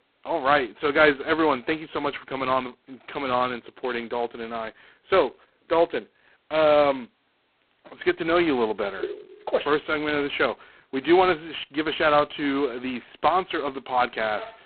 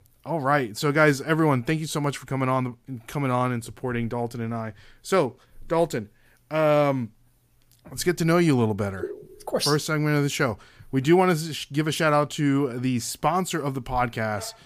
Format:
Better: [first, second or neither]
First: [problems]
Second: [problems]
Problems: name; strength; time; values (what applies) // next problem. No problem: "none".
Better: second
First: phone-call audio; poor line; nothing above 4 kHz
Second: none